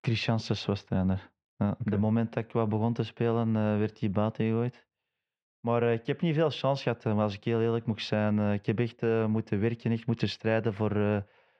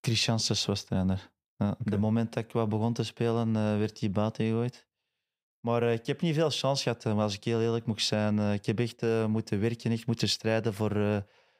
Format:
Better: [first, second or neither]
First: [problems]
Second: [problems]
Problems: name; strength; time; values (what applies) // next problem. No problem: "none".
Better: second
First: muffled; slightly; fading above 2.5 kHz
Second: none